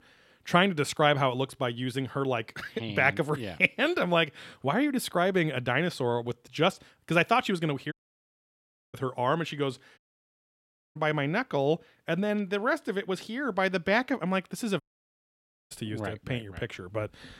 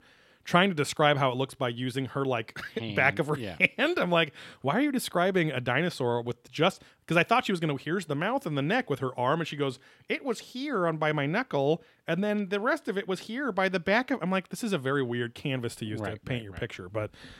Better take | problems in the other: second | audio cutting out; at 8 s for 1 s, at 10 s for 1 s and at 15 s for 1 s

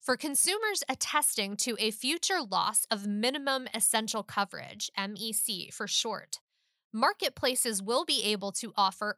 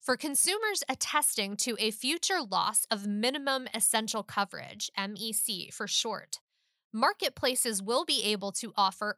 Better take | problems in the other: neither | none

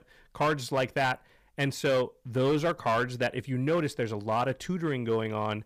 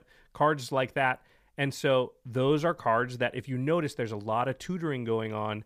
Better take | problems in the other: second | distortion; slight; 7% of the sound clipped

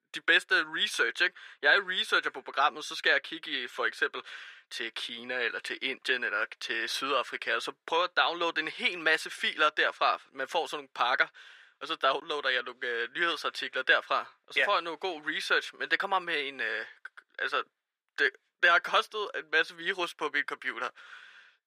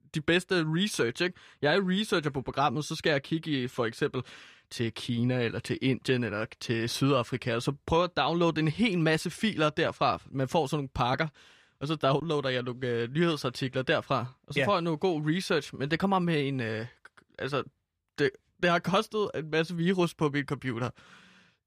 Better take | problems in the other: second | thin; very; fading below 450 Hz

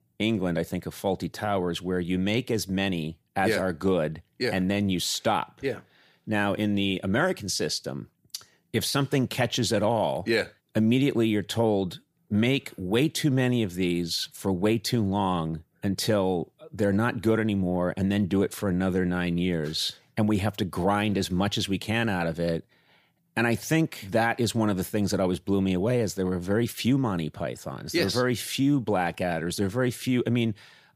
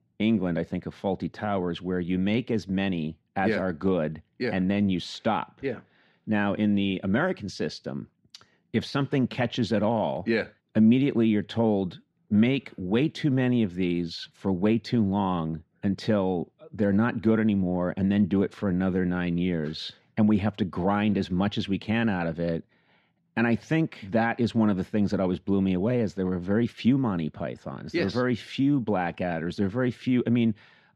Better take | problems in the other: first | muffled; slightly; fading above 3 kHz

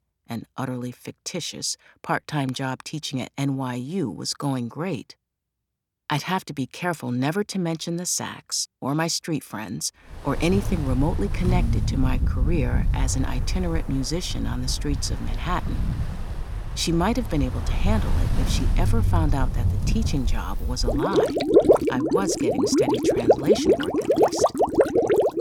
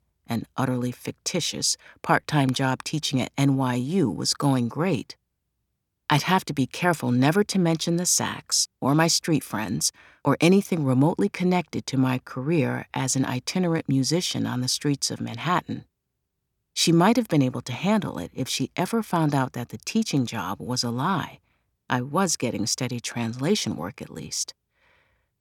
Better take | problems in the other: second | rain or running water; very loud; from 10 s on; 4 dB above the speech

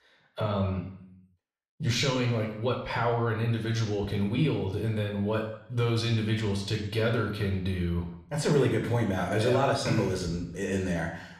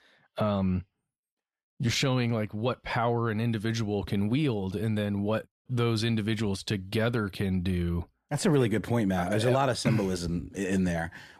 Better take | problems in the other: second | room echo; noticeable; dies away in 0.7 s // off-mic speech; somewhat distant

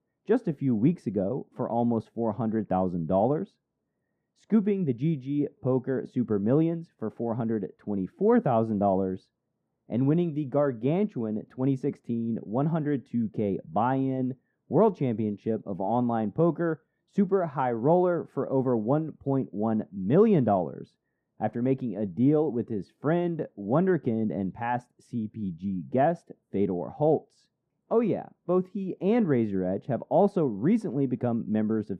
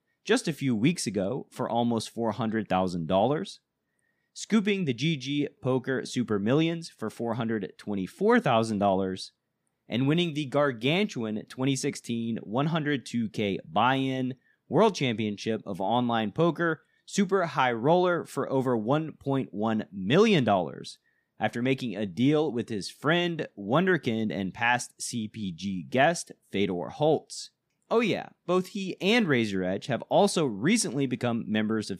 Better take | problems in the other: second | muffled; very; fading above 2 kHz

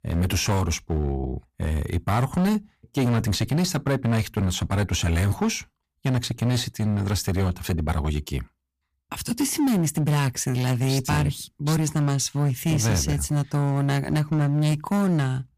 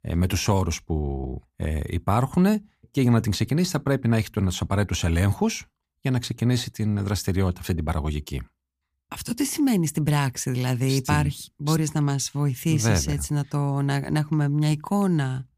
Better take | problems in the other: second | distortion; slight; 13% of the sound clipped

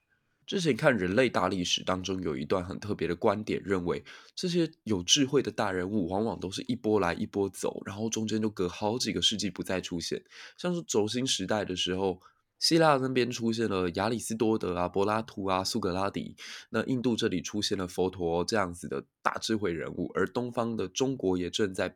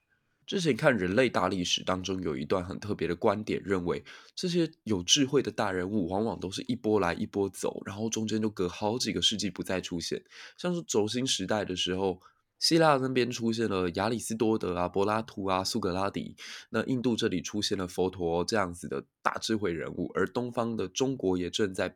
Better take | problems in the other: neither | none

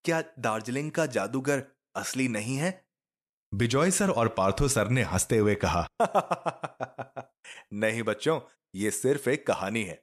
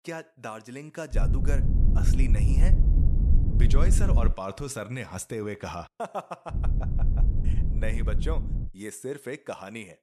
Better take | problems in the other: first | low rumble; loud; from 1 to 4.5 s and from 6.5 to 8.5 s; 5 dB below the speech

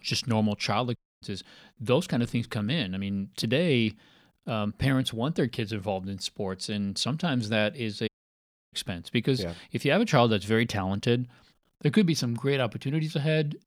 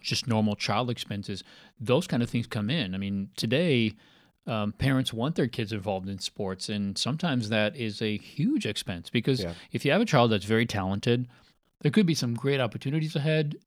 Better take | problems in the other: second | audio cutting out; at 1 s and at 8 s for 0.5 s

